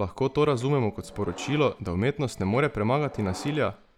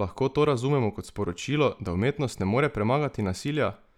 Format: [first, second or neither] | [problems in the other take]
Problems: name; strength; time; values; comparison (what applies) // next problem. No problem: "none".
second | background sound (Subway, metro, underground); 18 dB below the speech